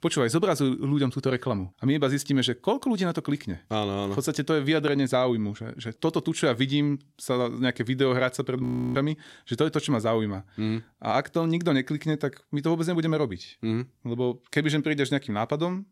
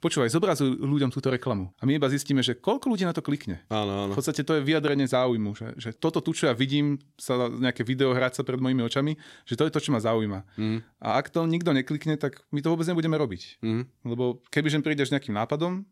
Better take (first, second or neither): second